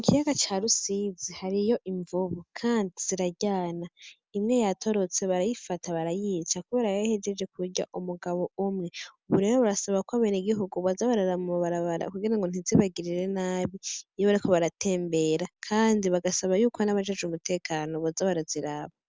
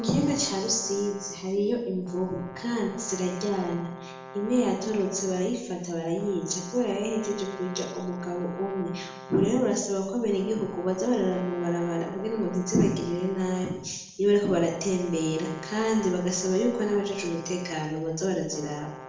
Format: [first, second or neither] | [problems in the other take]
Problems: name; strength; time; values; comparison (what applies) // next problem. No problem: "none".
first | background sound (Brass instrument); 16 dB below the speech // room echo; dies away in 0.8 s